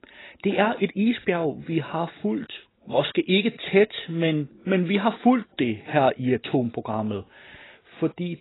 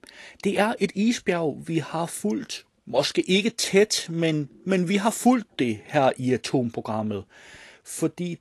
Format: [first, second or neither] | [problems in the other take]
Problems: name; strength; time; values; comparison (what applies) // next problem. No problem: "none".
second | garbled, watery; badly; nothing above 4 kHz; slightly in the second